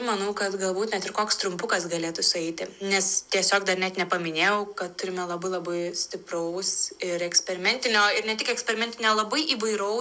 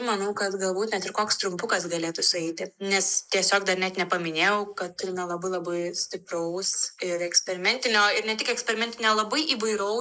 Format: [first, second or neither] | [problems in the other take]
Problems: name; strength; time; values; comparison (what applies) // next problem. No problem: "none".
first | noise reduction (neural mask model Resemble Enhance denoiser)